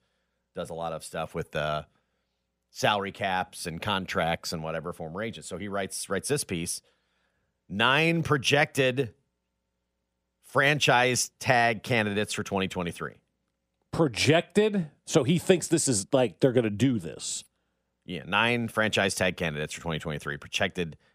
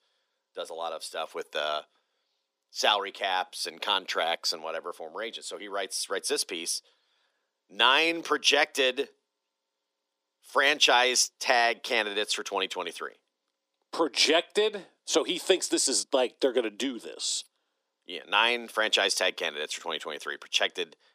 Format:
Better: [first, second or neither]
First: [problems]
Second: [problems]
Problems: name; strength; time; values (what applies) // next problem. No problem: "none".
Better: first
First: none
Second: thin; somewhat; fading below 300 Hz